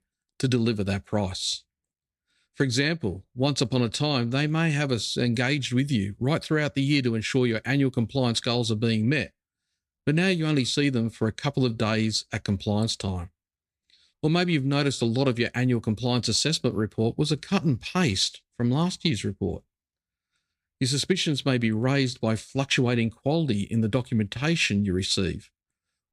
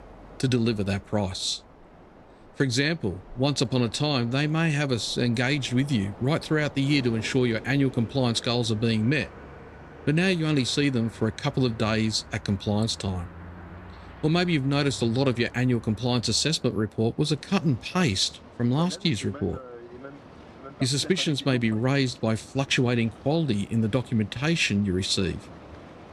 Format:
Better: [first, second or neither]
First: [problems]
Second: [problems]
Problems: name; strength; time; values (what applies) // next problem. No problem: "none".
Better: first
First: none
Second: train or aircraft noise; noticeable; throughout; 20 dB below the speech